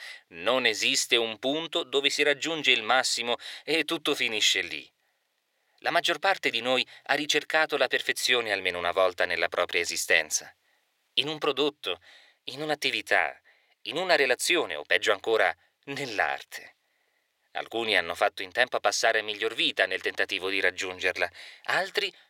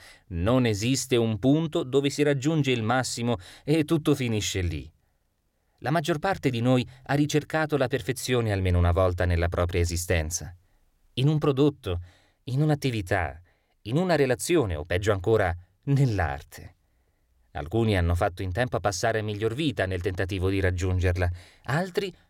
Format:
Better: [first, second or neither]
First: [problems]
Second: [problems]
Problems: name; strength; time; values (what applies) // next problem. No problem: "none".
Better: second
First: thin; very; fading below 600 Hz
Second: none